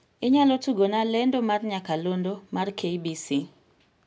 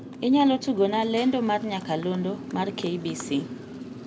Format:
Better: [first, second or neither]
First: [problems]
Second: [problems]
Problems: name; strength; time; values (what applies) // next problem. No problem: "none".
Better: first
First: none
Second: background sound (Motorcycle); 12 dB below the speech